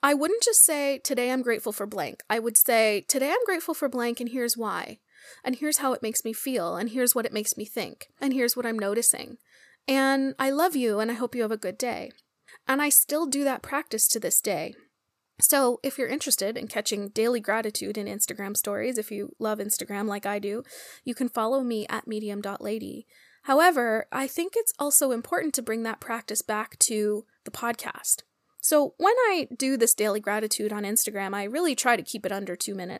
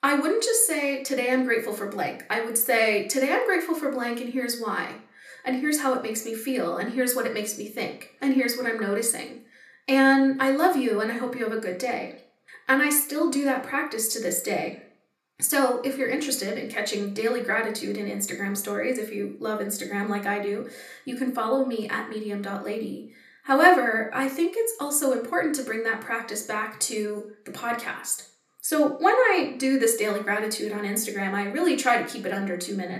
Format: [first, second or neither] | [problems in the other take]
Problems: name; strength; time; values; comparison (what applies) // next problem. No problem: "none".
first | room echo; slight; dies away in 0.4 s // off-mic speech; somewhat distant